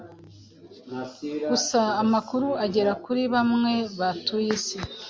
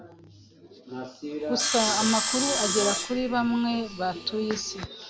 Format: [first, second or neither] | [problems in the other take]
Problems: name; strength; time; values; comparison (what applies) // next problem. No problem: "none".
first | background sound (Sawing); 2 dB below the speech